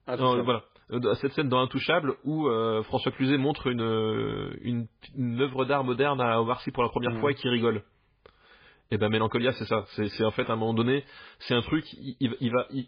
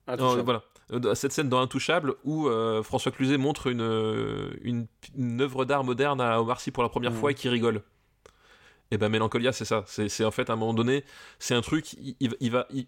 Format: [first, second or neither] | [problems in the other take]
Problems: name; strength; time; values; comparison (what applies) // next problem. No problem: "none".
second | garbled, watery; badly; nothing above 5 kHz